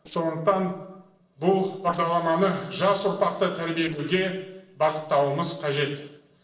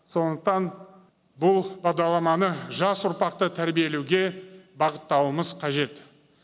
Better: second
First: noise reduction (neural separator model SepFormer DNS4)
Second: none

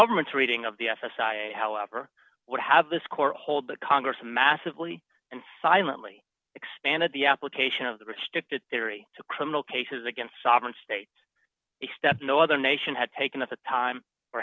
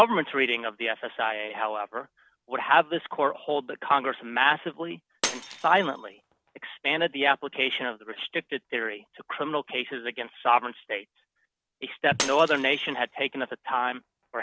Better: first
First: none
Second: background sound (Shatter); 16 dB below the speech

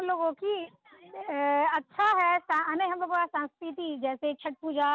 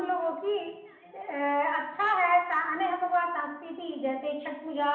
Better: first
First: none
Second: room echo; dies away in 0.8 s

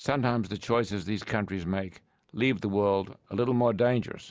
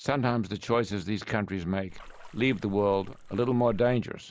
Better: first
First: none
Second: background sound (Splash, splatter); 16 dB below the speech

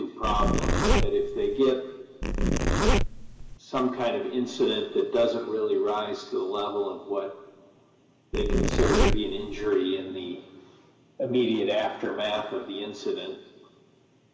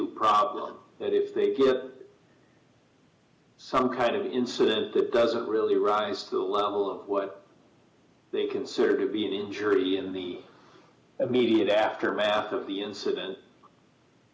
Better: second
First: background sound (Zipper (clothing)); 5 dB above the speech // room echo; dies away in 2.6 s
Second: none

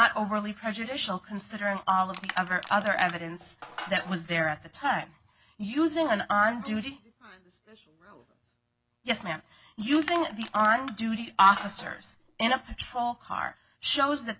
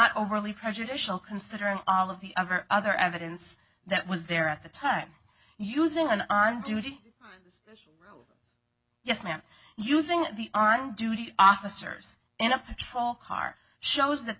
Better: second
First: background sound (Crushing); 15 dB below the speech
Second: none

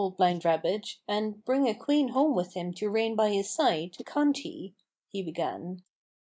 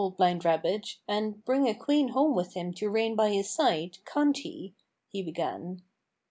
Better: second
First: noise reduction (neural mask model Resemble Enhance denoiser)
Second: none

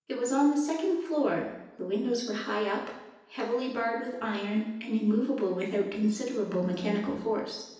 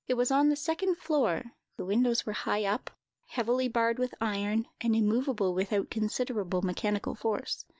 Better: second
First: room echo; dies away in 0.9 s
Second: none

